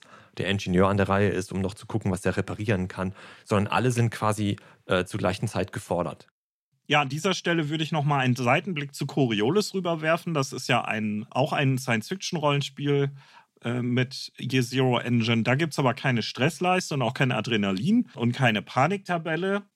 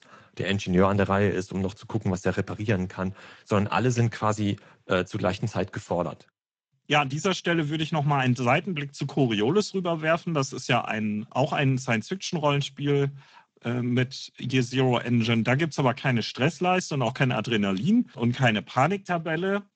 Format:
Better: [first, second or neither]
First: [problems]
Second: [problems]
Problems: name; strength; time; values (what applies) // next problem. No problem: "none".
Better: first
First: none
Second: garbled, watery; slightly; nothing above 7.5 kHz